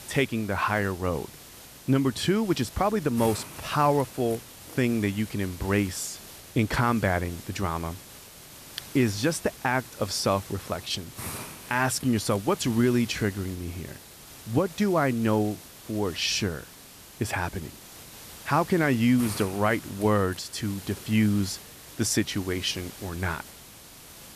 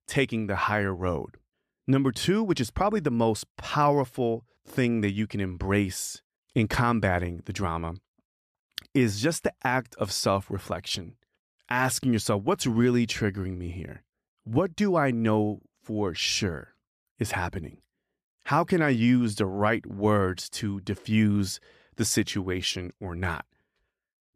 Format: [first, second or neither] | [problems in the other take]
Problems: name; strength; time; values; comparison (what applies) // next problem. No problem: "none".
second | hiss; noticeable; throughout; 15 dB below the speech